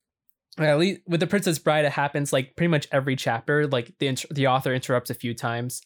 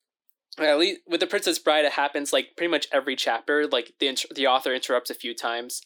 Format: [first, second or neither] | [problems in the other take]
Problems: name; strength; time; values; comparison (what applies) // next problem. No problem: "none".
first | thin; somewhat; fading below 300 Hz